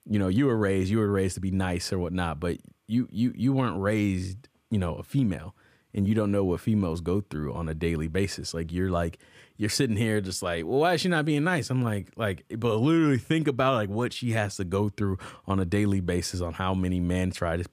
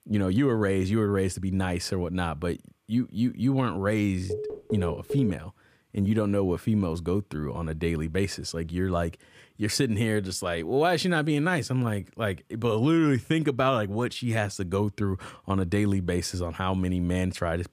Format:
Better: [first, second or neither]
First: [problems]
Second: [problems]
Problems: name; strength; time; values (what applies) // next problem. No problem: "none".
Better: first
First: none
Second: phone ringing; noticeable; from 4.5 to 5.5 s; peak 7 dB below the speech